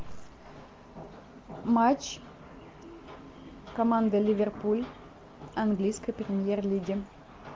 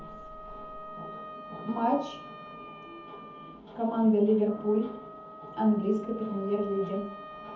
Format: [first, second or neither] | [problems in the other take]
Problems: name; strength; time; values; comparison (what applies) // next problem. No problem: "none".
first | background sound (Wind instrument, woodwind instrument); 15 dB below the speech // room echo; dies away in 0.6 s